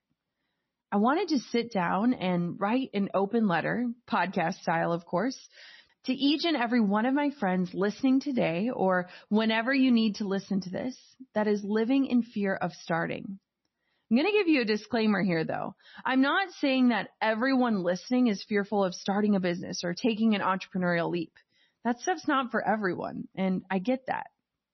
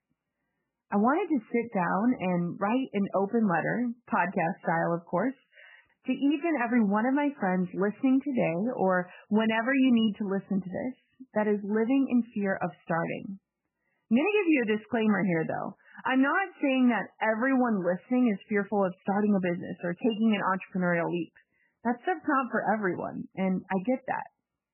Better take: first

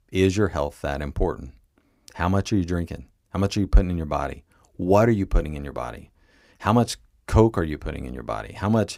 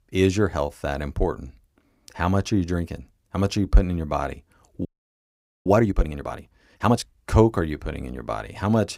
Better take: first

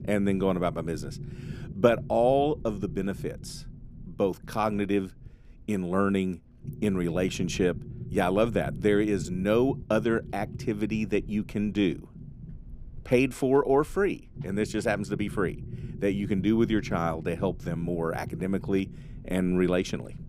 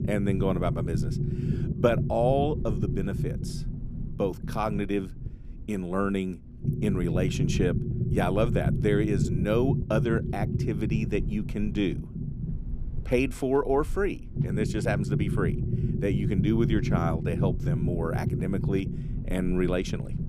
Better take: first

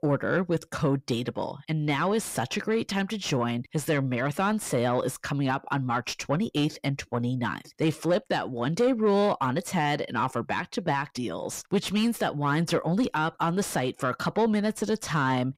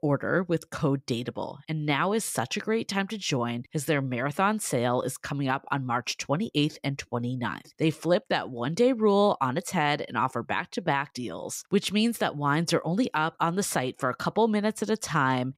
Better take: second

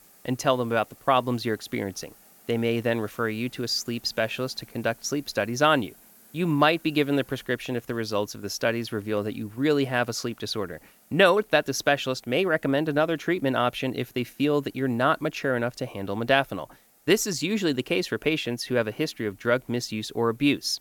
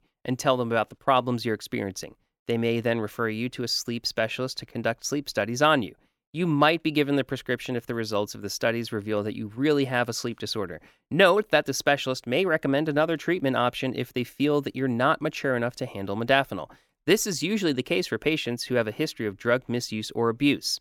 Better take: second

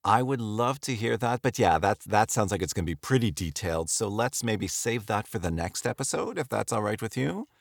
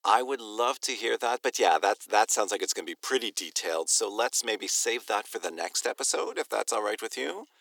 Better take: first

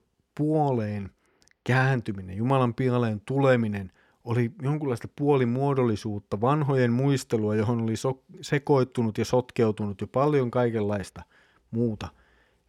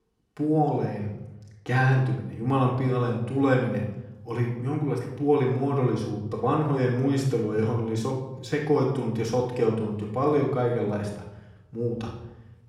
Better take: first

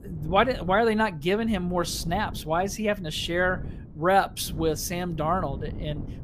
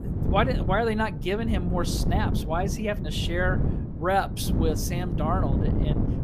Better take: first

